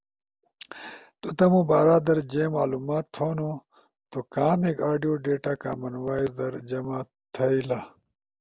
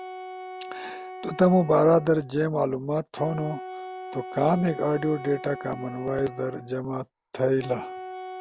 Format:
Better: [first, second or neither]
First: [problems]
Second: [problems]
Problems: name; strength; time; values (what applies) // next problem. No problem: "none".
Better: first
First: none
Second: background sound (Wind instrument, woodwind instrument); 13 dB below the speech